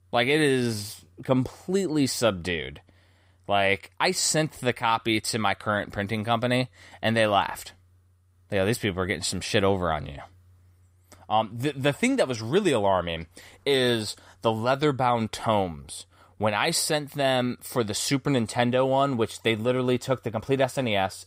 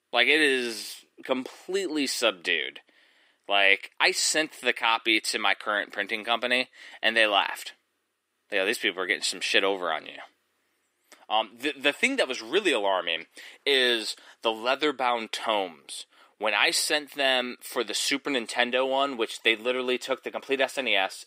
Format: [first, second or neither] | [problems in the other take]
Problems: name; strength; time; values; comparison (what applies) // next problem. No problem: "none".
first | thin; somewhat; fading below 300 Hz